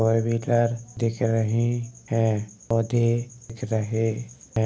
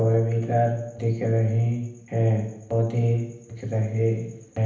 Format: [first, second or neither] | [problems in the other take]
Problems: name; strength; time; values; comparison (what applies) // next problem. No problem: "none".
first | room echo; dies away in 0.8 s